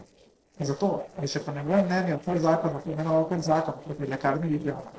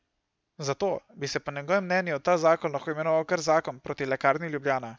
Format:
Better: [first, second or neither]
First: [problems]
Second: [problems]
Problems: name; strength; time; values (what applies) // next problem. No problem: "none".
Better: second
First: noise reduction (neural separator model SepFormer DNS4)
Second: none